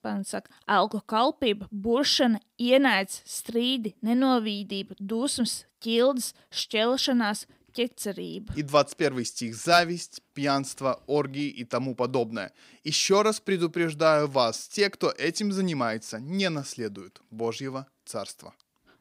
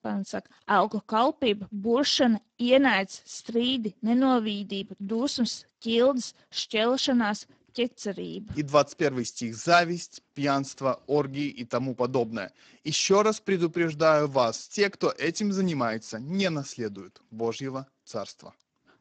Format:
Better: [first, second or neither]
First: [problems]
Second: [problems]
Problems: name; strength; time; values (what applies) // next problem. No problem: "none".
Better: first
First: none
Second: garbled, watery; badly; nothing above 7.5 kHz